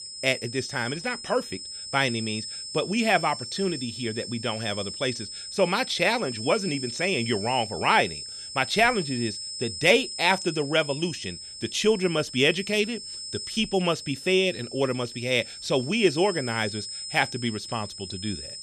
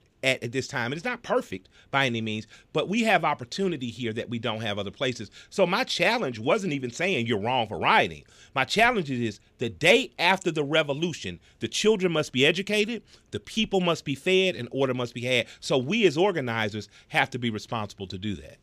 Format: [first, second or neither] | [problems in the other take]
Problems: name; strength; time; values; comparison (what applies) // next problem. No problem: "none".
second | high-pitched whine; loud; throughout; 5 kHz, 9 dB below the speech